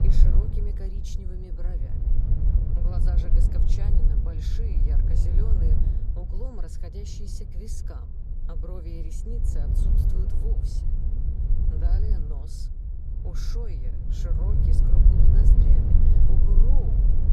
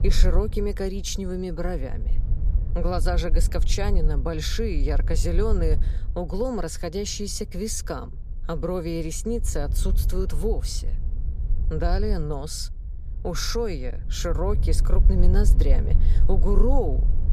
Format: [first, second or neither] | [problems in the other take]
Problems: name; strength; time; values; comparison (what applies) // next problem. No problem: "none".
second | wind noise on the microphone; heavy; 3 dB above the speech; occasional gusts in the second